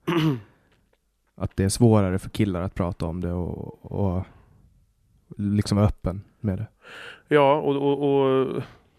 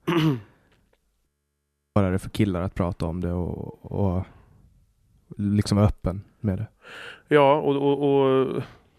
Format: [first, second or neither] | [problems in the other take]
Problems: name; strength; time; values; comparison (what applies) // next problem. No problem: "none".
first | audio freezing; at 1.5 s for 0.5 s